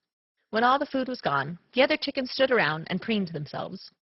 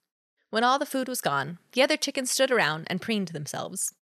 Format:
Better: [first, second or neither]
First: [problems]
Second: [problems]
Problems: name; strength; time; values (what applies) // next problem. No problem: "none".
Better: second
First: garbled, watery; badly; nothing above 5.5 kHz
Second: none